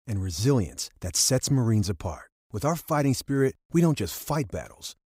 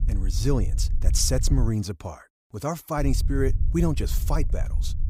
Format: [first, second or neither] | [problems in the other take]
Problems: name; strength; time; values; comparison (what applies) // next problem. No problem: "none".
first | low rumble; noticeable; until 1.5 s and from 3 s on; 15 dB below the speech